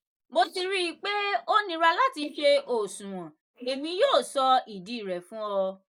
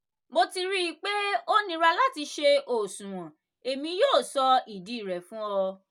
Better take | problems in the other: second | noise reduction (neural mask model Resemble Enhance denoiser)

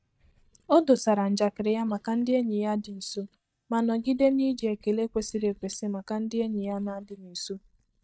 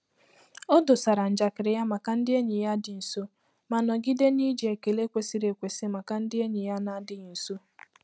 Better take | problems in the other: second | noise reduction (neural mask model DeepFilterNet 3)

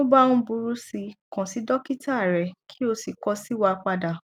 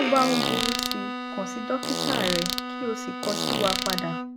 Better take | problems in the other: first | background sound (Fart + Bowed string instrument); as loud as the speech

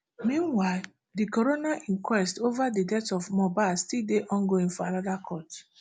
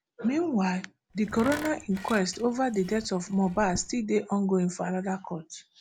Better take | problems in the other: first | background sound (Tools); 14 dB below the speech

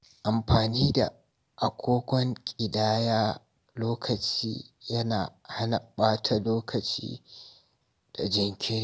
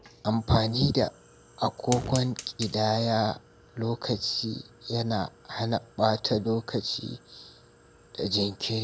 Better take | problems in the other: first | background sound (Fire); 17 dB below the speech

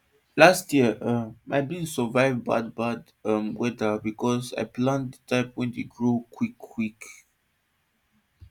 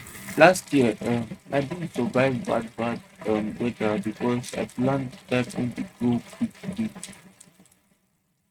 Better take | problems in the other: first | noise reduction (neural mask model RNNoise)

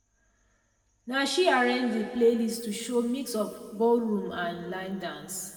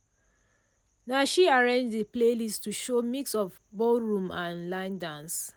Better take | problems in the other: second | room echo; dies away in 1.9 s

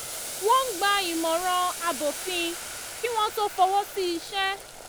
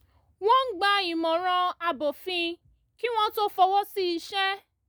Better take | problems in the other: second | background sound (Boiling); 10 dB below the speech

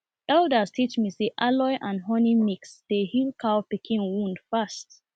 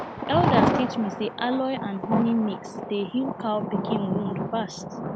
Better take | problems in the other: first | background sound (Thunder); as loud as the speech

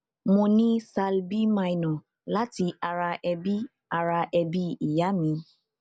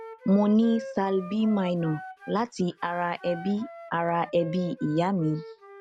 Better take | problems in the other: first | background sound (Wind instrument, woodwind instrument); 16 dB below the speech

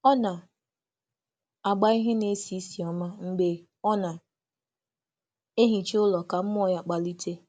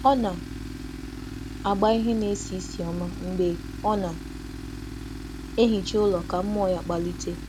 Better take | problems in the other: first | background sound (Tools); 9 dB below the speech

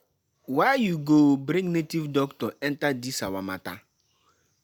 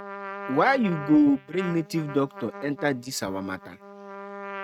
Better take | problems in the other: first | noise reduction (neural mask model RNNoise)

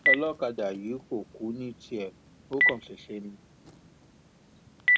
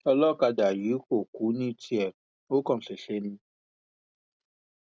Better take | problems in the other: second | background sound (Telephone); 4 dB above the speech

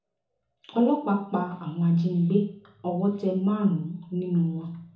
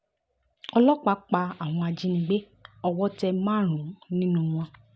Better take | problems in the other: second | room echo; dies away in 0.6 s

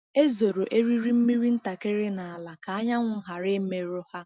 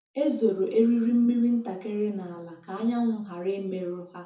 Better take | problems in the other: first | room echo; dies away in 0.6 s

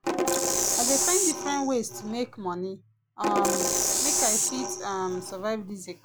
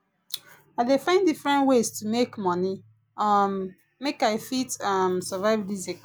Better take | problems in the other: second | background sound (Percussion); 4 dB above the speech

